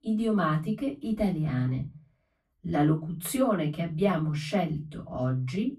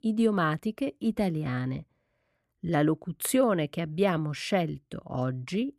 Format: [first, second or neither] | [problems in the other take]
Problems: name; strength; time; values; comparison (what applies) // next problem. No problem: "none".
second | off-mic speech; far // room echo; very slight; dies away in 0.2 s